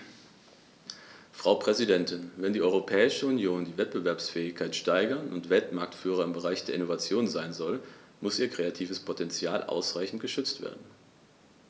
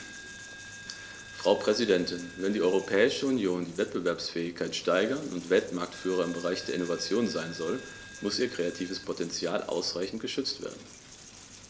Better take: first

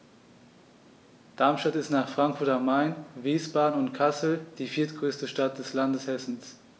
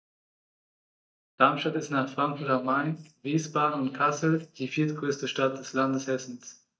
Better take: first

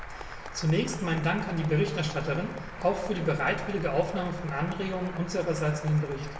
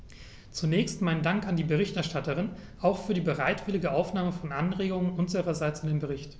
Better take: second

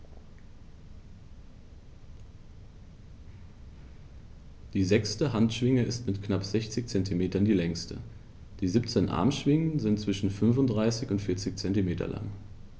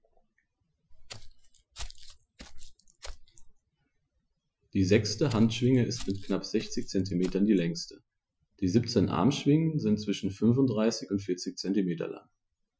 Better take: first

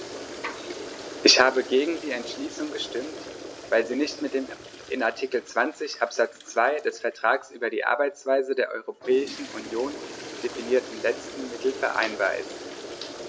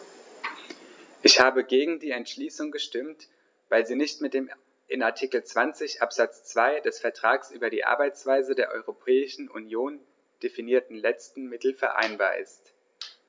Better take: second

